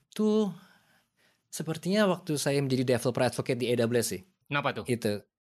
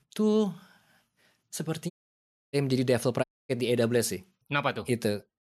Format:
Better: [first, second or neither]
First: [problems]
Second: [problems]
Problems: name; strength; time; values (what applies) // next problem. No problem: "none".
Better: first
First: none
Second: audio cutting out; at 2 s for 0.5 s and at 3 s